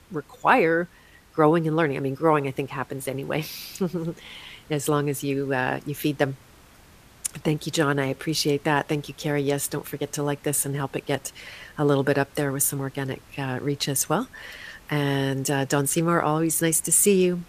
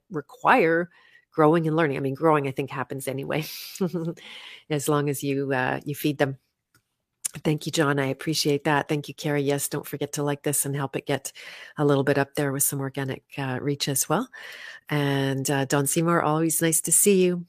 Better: second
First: hiss; faint; throughout; 25 dB below the speech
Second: none

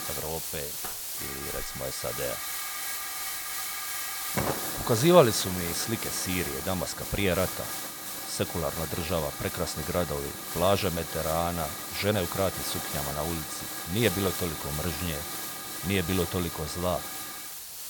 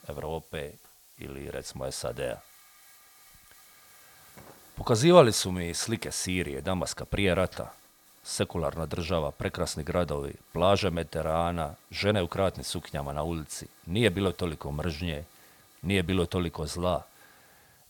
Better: second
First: hiss; loud; throughout; 3 dB below the speech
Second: hiss; faint; throughout; 25 dB below the speech

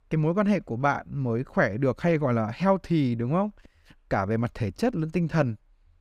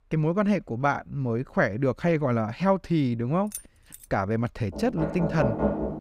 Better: first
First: none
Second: jangling keys; faint; at 3.5 s; peak 15 dB below the speech // door banging; loud; from 4.5 s on; peak level with the speech

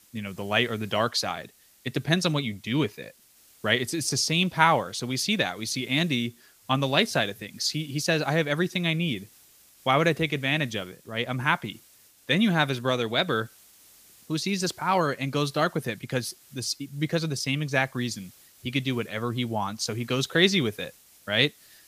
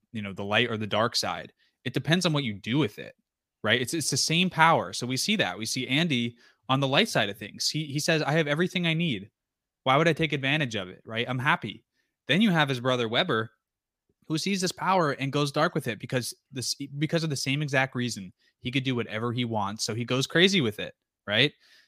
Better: second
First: hiss; faint; throughout; 25 dB below the speech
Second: none

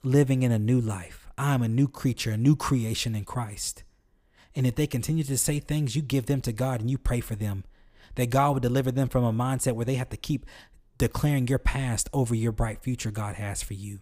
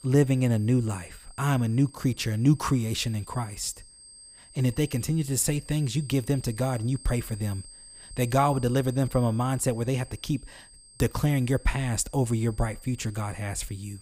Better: first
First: none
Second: high-pitched whine; faint; throughout; 8.5 kHz, 20 dB below the speech

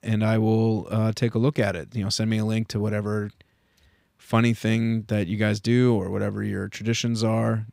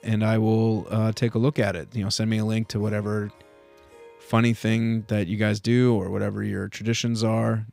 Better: first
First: none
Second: background music; faint; throughout; 30 dB below the speech

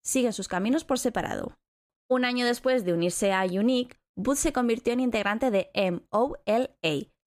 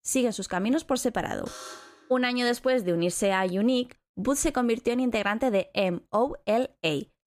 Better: first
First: none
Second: alarm; faint; at 1.5 s; peak 15 dB below the speech

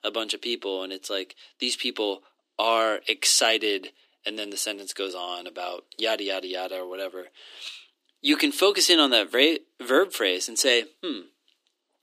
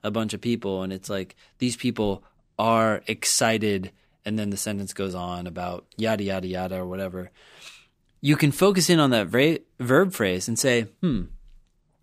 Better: second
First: thin; somewhat; fading below 300 Hz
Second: none

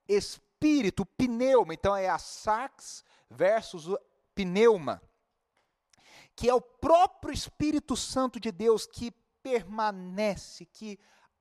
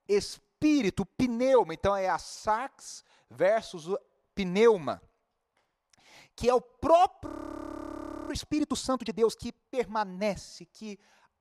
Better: first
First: none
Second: audio freezing; at 7.5 s for 1 s

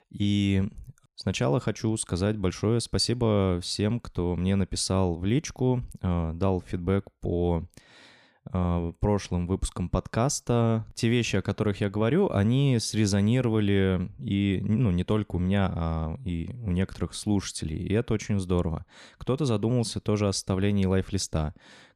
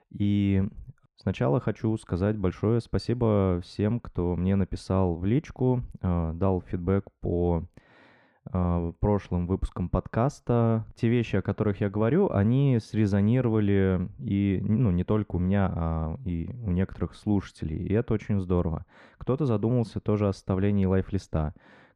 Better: first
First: none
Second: muffled; very; fading above 3.5 kHz

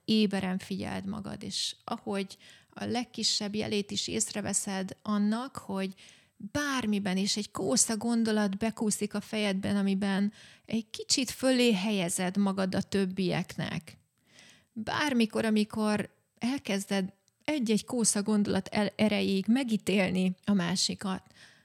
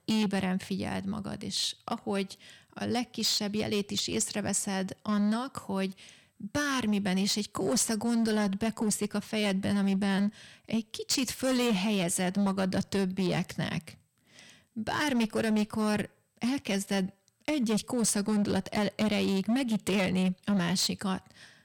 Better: first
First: none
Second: distortion; slight; 11% of the sound clipped

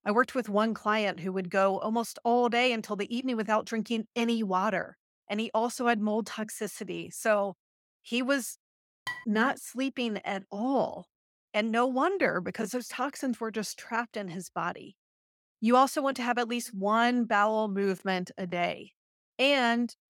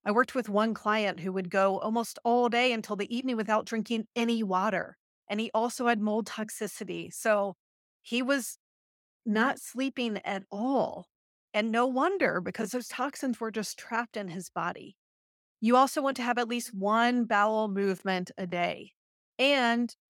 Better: second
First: clattering dishes; noticeable; at 9 s; peak 9 dB below the speech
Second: none

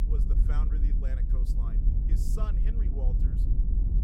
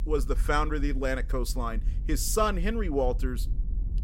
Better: second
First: low rumble; loud; throughout; as loud as the speech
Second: low rumble; faint; throughout; 25 dB below the speech

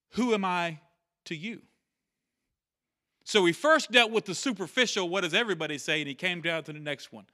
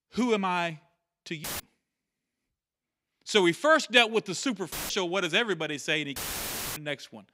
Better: first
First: none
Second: audio cutting out; filled with static; at 1.5 s, at 4.5 s and at 6 s for 0.5 s

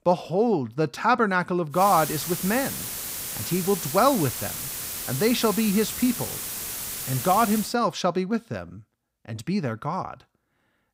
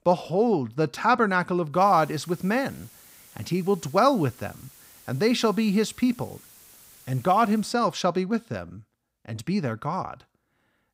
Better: second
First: hiss; loud; from 2 to 7.5 s; 6 dB below the speech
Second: hiss; faint; from 2 to 7.5 s; 25 dB below the speech

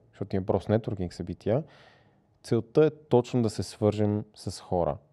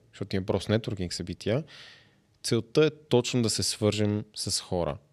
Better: second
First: muffled; very; fading above 2 kHz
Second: none

